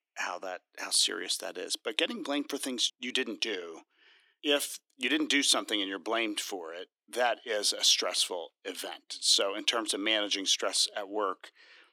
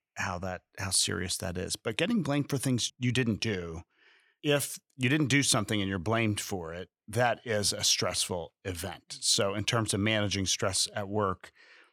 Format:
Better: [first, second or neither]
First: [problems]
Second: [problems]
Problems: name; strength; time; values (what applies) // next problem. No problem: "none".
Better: second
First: thin; somewhat; fading below 300 Hz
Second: none